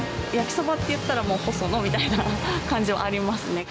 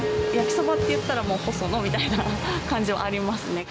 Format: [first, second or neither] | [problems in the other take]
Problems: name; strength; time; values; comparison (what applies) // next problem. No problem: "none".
first | background sound (Telephone); as loud as the speech